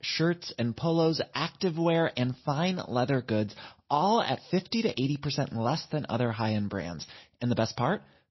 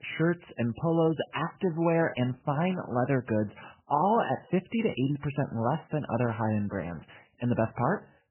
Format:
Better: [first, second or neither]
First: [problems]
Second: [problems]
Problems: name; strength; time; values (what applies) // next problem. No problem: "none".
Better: first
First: garbled, watery; slightly; nothing above 5.5 kHz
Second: garbled, watery; badly; nothing above 3 kHz